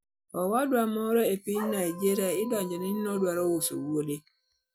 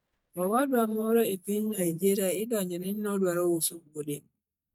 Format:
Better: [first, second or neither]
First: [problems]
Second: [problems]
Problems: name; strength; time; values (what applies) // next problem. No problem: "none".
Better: first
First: none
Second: noise reduction (neural mask model DeepFilterNet 3)